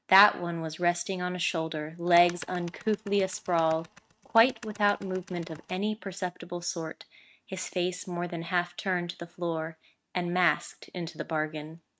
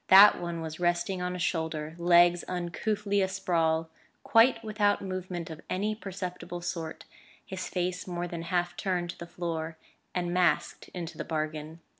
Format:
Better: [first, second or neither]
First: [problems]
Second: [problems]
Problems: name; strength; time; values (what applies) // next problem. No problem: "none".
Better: second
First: noise reduction (neural mask model RNNoise)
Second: none